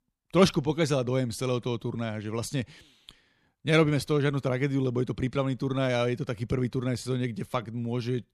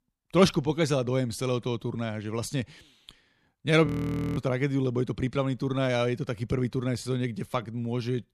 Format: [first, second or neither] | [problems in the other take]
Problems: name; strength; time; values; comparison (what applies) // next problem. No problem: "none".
first | audio freezing; at 4 s for 0.5 s